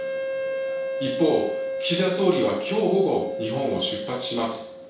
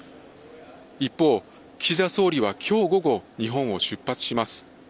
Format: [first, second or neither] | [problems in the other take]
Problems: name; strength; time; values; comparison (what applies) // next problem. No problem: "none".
second | background sound (Wind instrument, woodwind instrument); 4 dB below the speech // room echo; dies away in 0.7 s